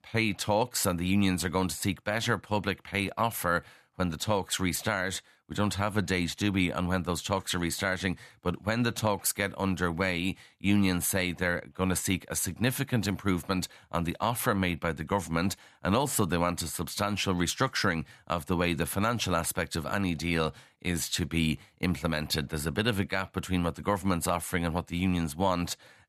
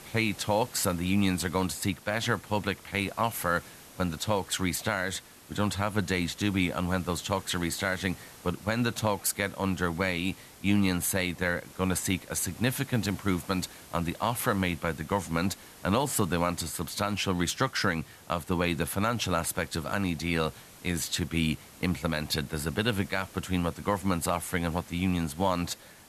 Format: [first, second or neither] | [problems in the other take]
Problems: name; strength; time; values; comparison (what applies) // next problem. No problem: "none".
first | hiss; noticeable; throughout; 20 dB below the speech